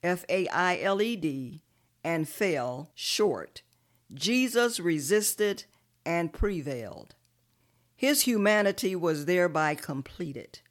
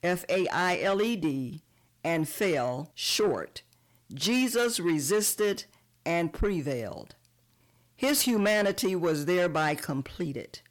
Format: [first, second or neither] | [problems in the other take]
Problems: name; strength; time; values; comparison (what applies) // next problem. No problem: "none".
first | distortion; slight; 10 dB below the speech